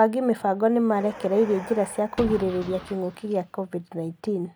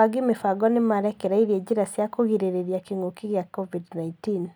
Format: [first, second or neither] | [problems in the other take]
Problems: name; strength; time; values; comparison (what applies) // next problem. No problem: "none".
second | background sound (Car); 15 dB below the speech